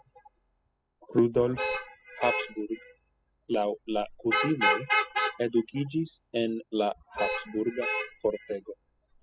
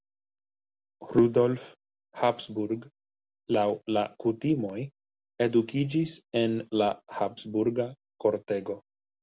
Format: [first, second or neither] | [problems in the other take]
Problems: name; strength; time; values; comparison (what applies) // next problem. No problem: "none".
second | noise reduction (classical method spectral subtraction)